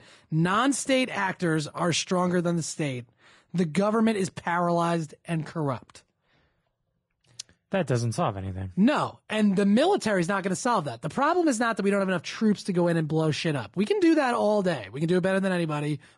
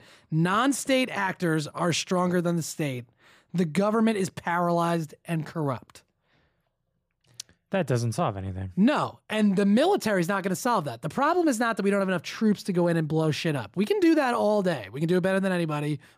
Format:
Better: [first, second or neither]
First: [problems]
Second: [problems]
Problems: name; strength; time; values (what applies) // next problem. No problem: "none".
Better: second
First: garbled, watery; slightly; nothing above 10.5 kHz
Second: none